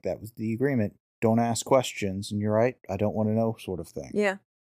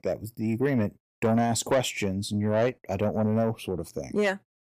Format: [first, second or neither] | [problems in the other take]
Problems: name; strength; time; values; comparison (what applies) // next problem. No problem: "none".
first | distortion; slight; 10 dB below the speech